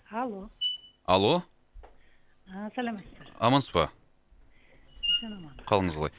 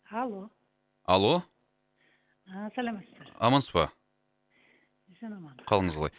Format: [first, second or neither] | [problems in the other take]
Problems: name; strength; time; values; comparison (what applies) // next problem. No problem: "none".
second | background sound (Screech); 9 dB below the speech